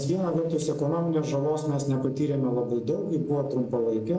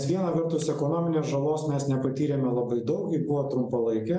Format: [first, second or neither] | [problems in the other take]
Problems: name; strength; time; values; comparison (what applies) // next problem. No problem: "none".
second | noise reduction (neural separator model SepFormer DNS4)